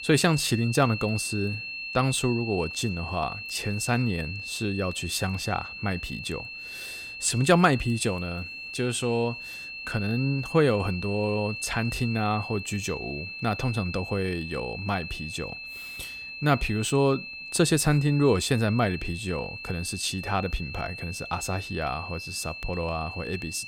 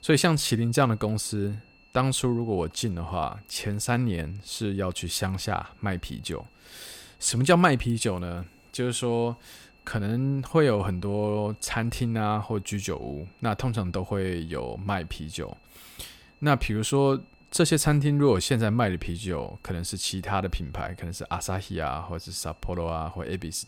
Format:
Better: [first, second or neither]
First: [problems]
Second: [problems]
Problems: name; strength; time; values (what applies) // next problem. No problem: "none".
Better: second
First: high-pitched whine; loud; throughout; 2.5 kHz, 8 dB below the speech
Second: high-pitched whine; faint; throughout; 2.5 kHz, 30 dB below the speech